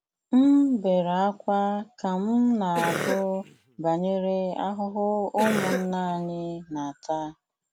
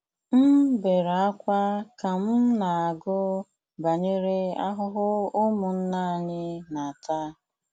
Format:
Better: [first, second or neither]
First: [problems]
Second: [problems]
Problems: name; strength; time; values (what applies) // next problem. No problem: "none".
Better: second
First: background sound (Cough); 6 dB below the speech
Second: none